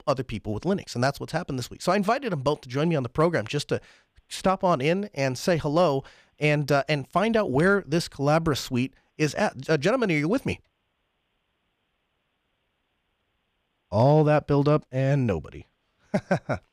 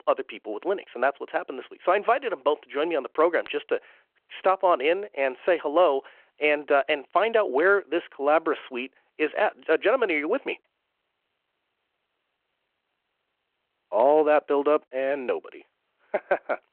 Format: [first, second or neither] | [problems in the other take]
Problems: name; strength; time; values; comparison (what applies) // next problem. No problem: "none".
first | phone-call audio